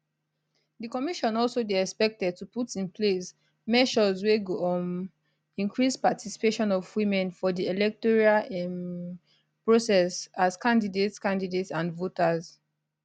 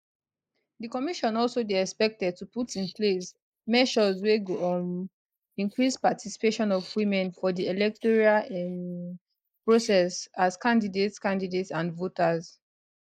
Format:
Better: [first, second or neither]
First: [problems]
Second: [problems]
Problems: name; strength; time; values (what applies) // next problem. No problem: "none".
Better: first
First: none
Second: noise reduction (neural mask model Resemble Enhance denoiser)